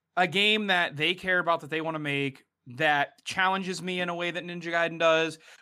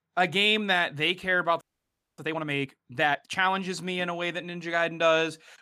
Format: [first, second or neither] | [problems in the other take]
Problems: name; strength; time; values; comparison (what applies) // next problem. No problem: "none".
first | audio freezing; at 1.5 s for 0.5 s